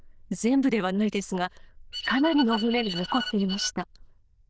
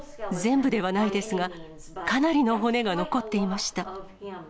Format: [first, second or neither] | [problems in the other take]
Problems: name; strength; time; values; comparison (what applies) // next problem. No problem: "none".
second | noise reduction (neural diffusion model UNIVERSE++)